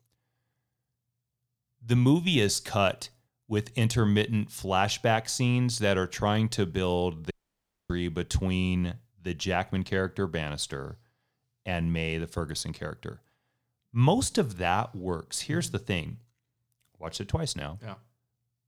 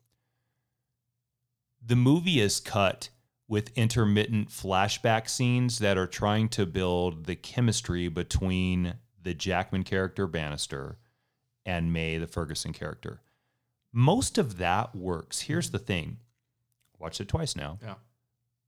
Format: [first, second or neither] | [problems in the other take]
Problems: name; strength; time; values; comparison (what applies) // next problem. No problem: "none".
second | audio cutting out; at 7.5 s for 0.5 s